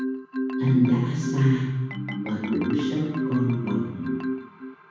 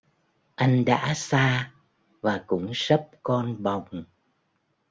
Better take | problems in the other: second | background sound (Marimba, xylophone); 3 dB below the speech // room echo; dies away in 1.1 s

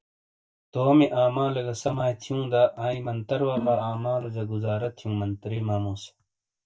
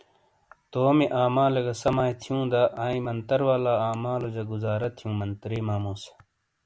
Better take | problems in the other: second | noise reduction (neural mask model DeepFilterNet 3)

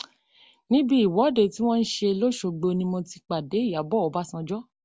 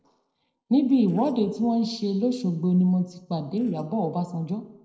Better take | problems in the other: first | noise reduction (neural separator model SepFormer DNS4)

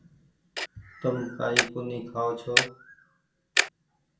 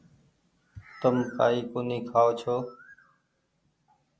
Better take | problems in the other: second | background sound (Tick-tock); 2 dB above the speech // room echo; dies away in 0.3 s

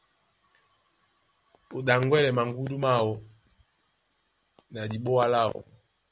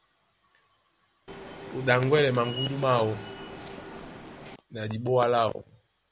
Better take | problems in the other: first | background sound (Subway, metro, underground); 11 dB below the speech

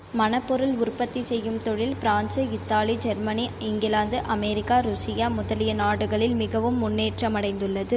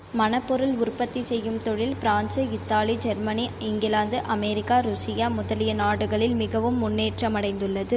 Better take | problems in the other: second | background sound (Bowed string instrument); 18 dB below the speech

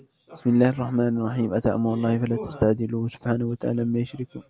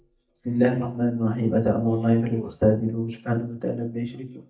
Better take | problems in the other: first | noise reduction (neural mask model DeepFilterNet 3)

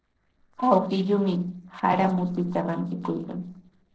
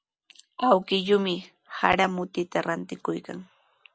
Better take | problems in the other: second | noise reduction (neural separator model SepFormer DNS4)

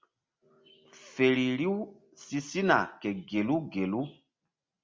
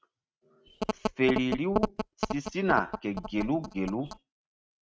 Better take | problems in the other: first | noise reduction (neural mask model RNNoise)

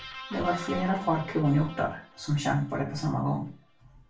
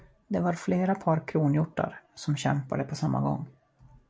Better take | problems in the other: second | background sound (Guitar); 15 dB below the speech // room echo; dies away in 0.3 s

